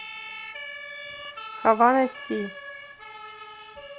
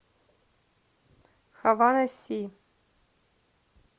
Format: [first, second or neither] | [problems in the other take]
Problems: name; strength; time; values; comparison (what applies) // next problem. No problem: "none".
second | background sound (Siren); 12 dB below the speech